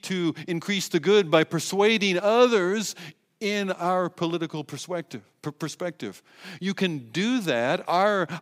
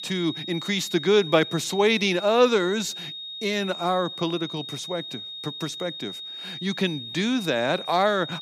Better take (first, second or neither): first